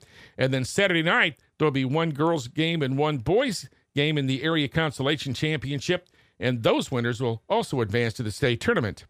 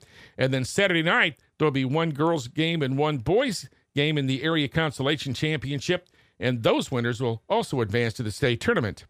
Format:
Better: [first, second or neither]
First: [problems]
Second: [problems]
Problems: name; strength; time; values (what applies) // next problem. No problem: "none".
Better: neither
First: none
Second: none